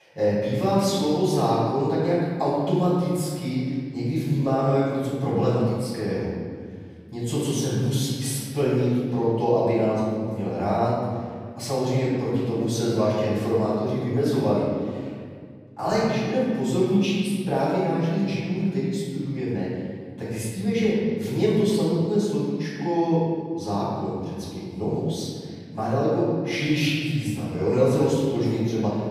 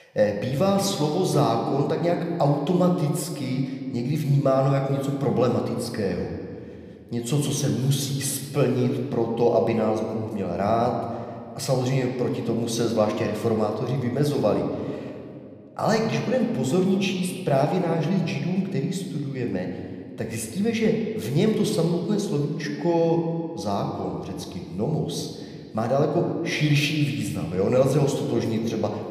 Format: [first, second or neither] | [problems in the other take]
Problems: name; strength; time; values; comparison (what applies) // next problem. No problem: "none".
second | room echo; strong; dies away in 1.9 s; slight in the second // off-mic speech; far